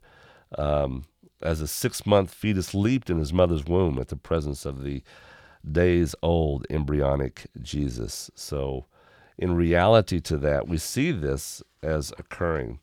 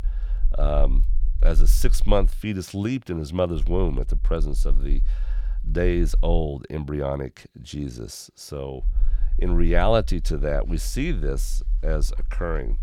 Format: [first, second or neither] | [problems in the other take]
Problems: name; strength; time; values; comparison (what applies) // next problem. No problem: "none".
first | low rumble; faint; until 2.5 s, from 3.5 to 6.5 s and from 9 s on; 25 dB below the speech